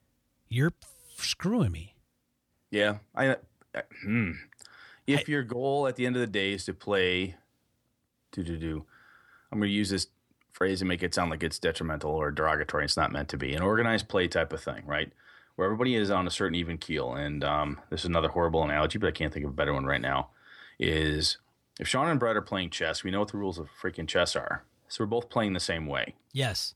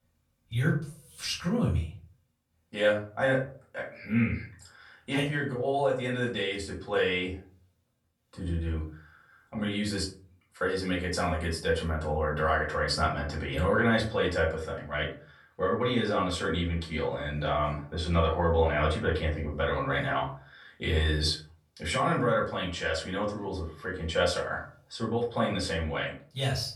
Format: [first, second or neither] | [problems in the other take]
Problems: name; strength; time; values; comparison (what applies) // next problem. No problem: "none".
first | off-mic speech; far // room echo; slight; dies away in 0.3 s